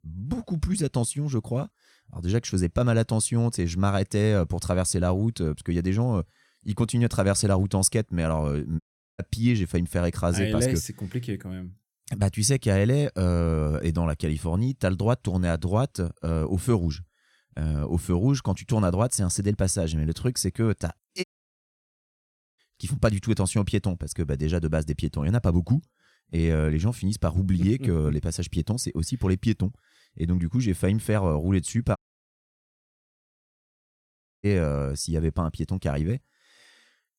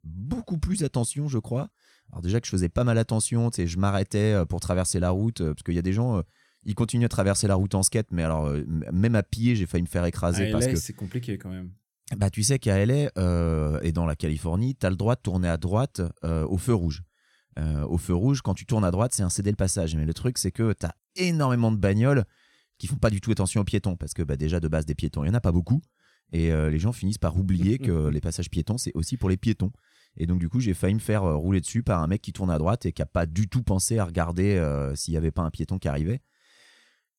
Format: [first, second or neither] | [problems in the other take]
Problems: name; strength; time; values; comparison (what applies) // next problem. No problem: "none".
second | audio cutting out; at 9 s, at 21 s for 1.5 s and at 32 s for 2.5 s